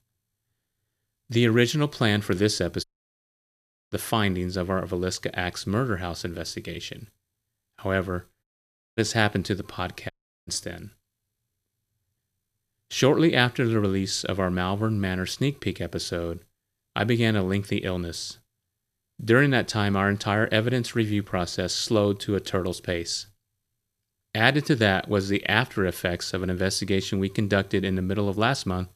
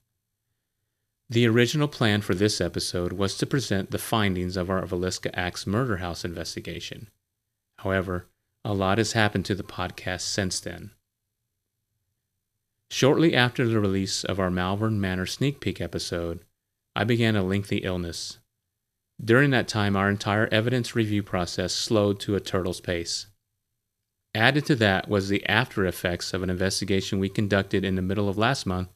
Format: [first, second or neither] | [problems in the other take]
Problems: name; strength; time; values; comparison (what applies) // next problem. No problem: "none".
second | audio cutting out; at 3 s for 1 s, at 8.5 s for 0.5 s and at 10 s